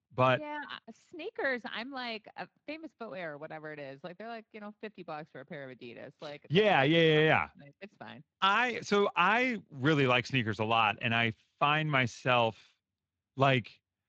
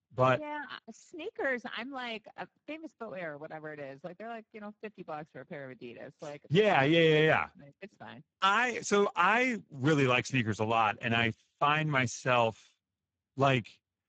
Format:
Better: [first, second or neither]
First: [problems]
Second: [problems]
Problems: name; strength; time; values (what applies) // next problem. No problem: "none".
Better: first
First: garbled, watery; slightly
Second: garbled, watery; badly; nothing above 7.5 kHz